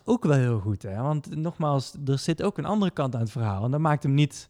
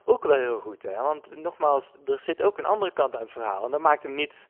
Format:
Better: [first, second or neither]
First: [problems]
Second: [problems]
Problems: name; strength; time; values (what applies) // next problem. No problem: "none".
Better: first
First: none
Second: phone-call audio; poor line; nothing above 3 kHz